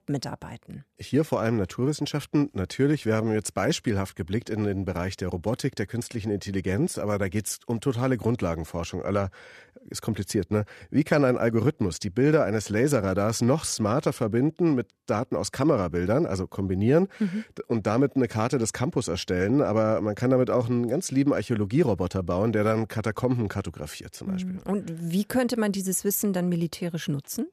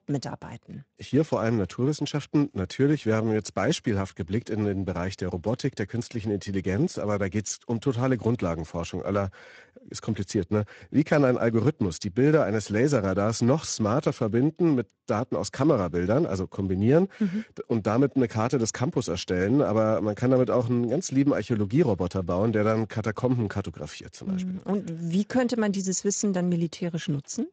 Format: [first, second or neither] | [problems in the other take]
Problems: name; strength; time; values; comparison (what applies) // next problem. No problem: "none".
first | garbled, watery; slightly; nothing above 7.5 kHz